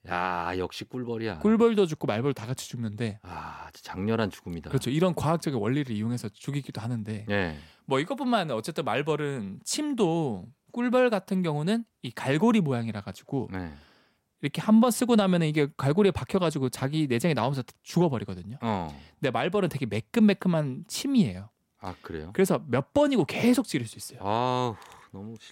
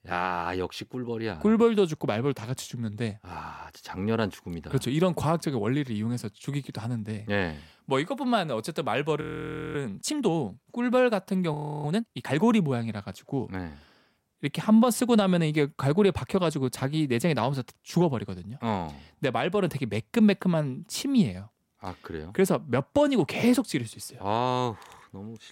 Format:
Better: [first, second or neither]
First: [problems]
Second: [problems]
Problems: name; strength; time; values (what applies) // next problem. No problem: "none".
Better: first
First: none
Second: audio freezing; at 9 s for 0.5 s and at 12 s